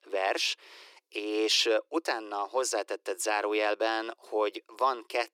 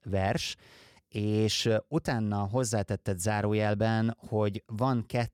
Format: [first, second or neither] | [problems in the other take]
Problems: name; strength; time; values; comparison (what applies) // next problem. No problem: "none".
second | thin; very; fading below 300 Hz